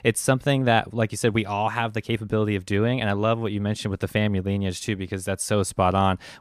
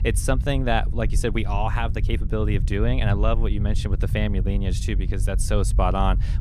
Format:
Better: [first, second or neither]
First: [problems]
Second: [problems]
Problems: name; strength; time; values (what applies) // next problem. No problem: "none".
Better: first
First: none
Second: low rumble; noticeable; throughout; 15 dB below the speech